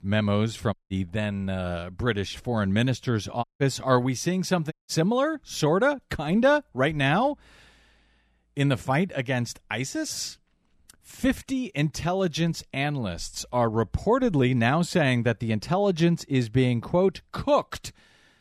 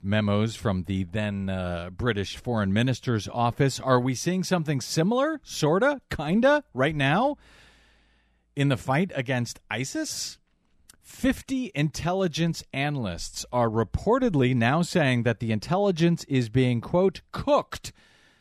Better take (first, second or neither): second